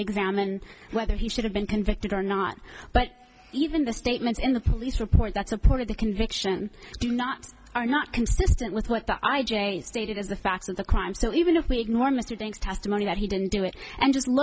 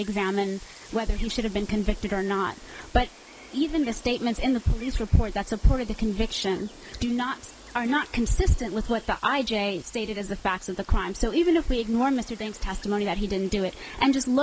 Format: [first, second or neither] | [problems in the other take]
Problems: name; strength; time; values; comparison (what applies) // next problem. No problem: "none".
first | noise reduction (neural mask model Resemble Enhance denoiser)